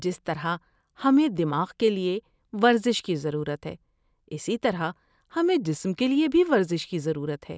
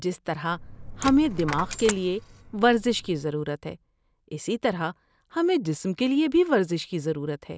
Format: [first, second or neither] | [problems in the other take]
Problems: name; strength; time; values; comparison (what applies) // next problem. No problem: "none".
first | background sound (Coin (dropping)); 11 dB below the speech